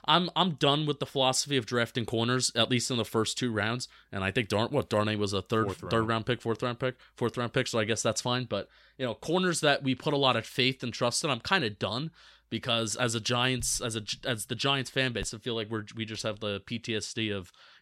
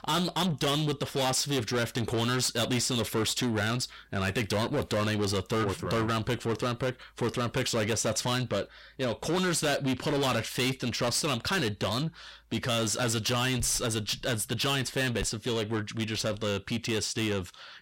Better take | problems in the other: first | distortion; heavy; 6 dB below the speech

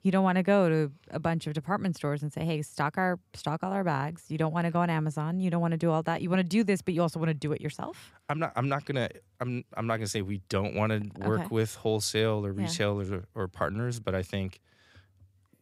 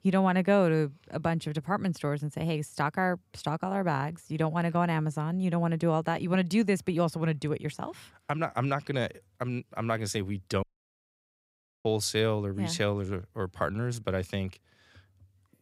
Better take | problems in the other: first | audio cutting out; at 11 s for 1 s

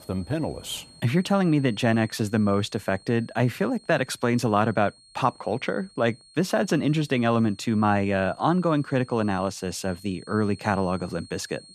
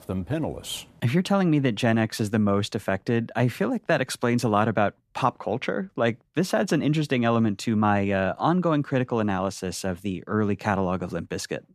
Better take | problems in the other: second | high-pitched whine; faint; throughout; 4.5 kHz, 25 dB below the speech

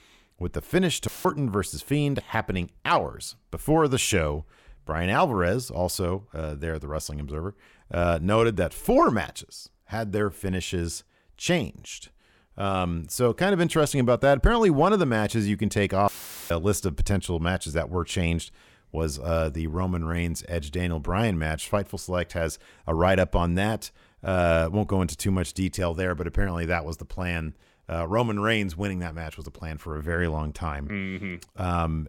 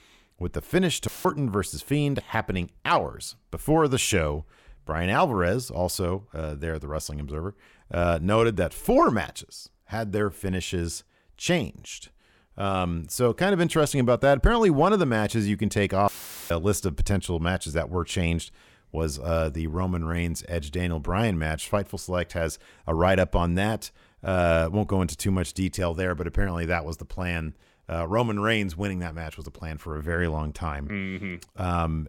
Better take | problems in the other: neither | audio cutting out; filled with static; at 1 s and at 16 s; the same in both

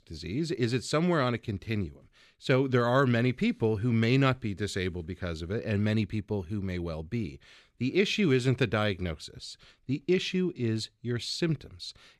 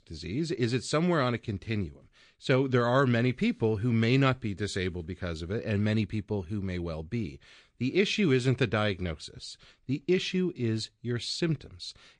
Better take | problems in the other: first | garbled, watery; slightly; nothing above 9 kHz

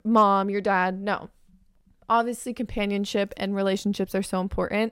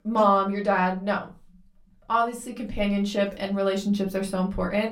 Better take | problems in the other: first | off-mic speech; far // room echo; very slight; dies away in 0.2 s

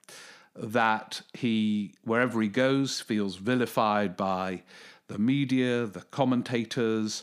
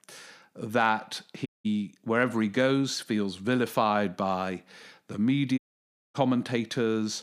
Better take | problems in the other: first | audio cutting out; at 1.5 s and at 5.5 s for 0.5 s

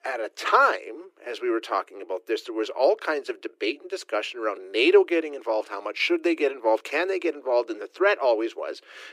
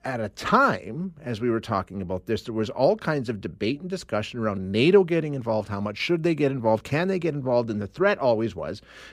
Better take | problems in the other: second | thin; very; fading below 300 Hz

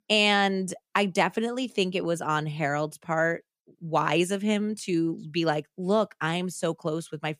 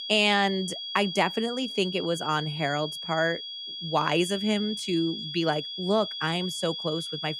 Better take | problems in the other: first | high-pitched whine; loud; throughout; 3.5 kHz, 6 dB below the speech

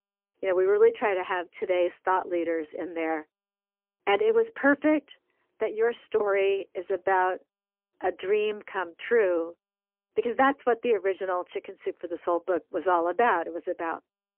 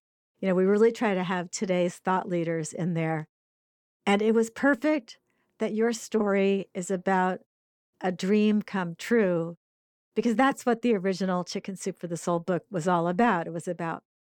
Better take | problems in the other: second | phone-call audio; poor line; nothing above 3 kHz

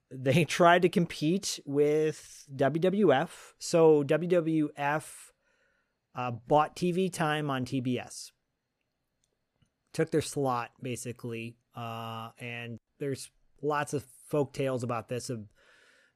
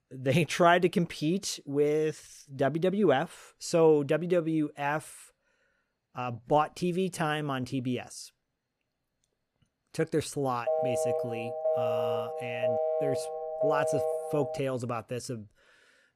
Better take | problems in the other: first | phone ringing; loud; from 11 to 15 s; peak 1 dB above the speech

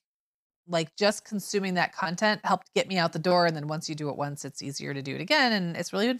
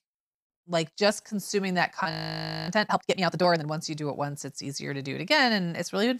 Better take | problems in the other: first | audio freezing; at 2 s for 0.5 s

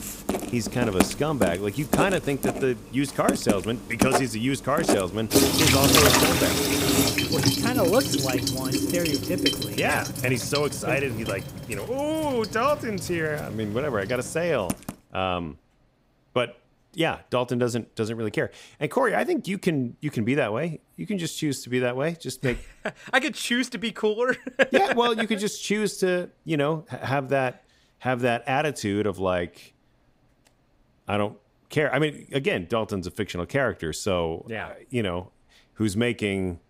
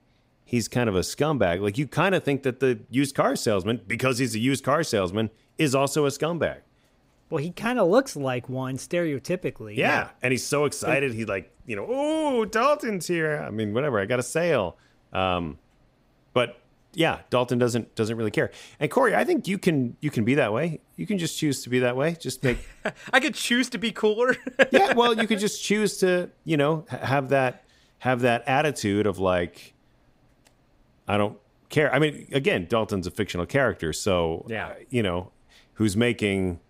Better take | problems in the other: second | household noises; very loud; until 15 s; 2 dB above the speech

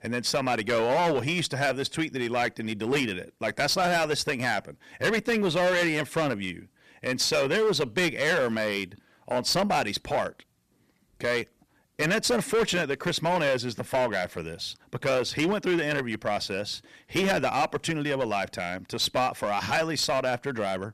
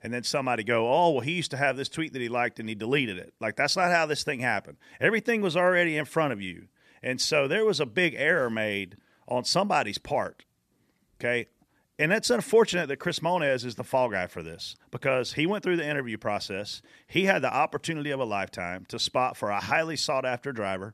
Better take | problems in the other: second | distortion; heavy; 10% of the sound clipped

